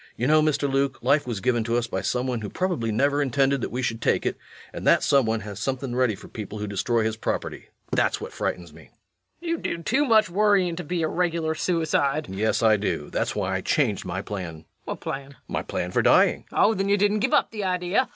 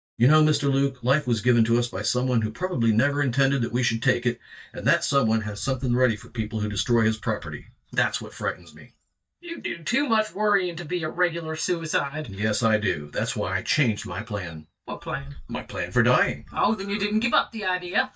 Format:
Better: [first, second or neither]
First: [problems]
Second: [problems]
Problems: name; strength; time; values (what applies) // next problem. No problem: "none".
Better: first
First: none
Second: noise reduction (neural mask model DeepFilterNet 3)